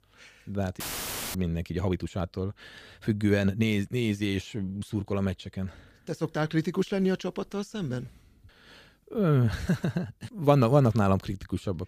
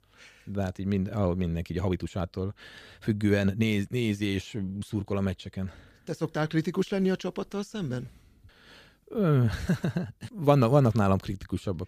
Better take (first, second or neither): second